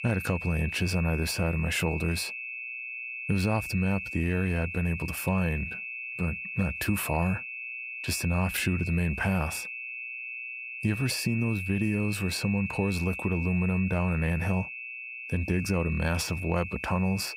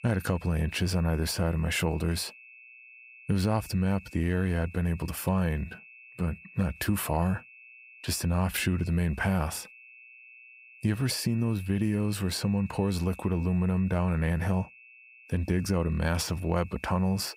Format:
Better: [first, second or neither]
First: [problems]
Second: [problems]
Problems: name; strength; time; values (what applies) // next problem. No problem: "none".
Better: second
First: high-pitched whine; loud; throughout; 2.5 kHz, 6 dB below the speech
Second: high-pitched whine; faint; throughout; 2.5 kHz, 20 dB below the speech